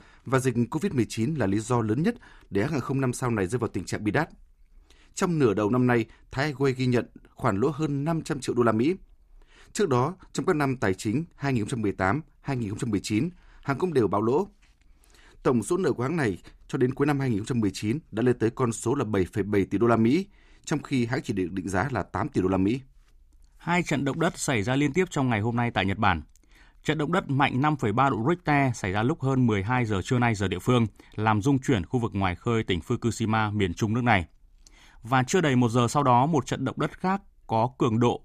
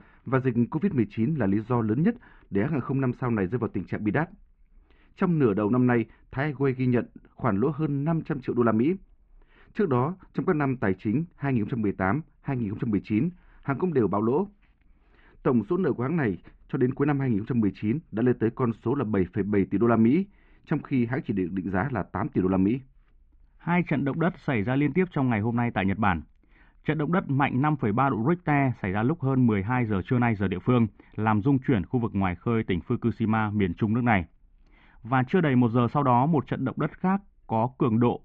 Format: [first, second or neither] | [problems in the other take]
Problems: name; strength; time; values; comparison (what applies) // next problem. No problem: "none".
first | muffled; very; fading above 2.5 kHz